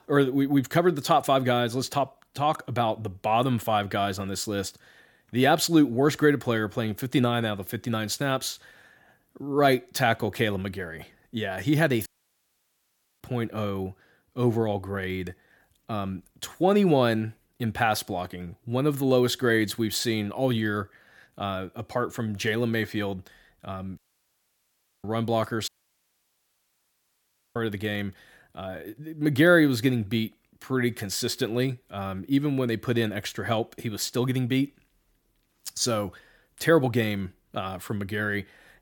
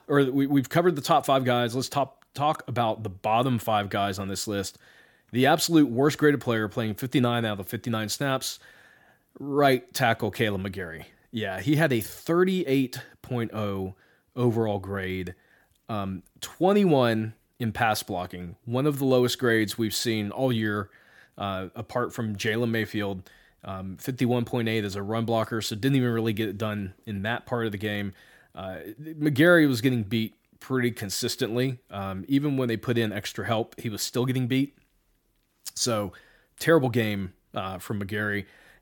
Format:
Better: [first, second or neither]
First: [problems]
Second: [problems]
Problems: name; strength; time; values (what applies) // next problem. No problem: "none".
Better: second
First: audio cutting out; at 12 s for 1 s, at 24 s for 1 s and at 26 s for 2 s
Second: none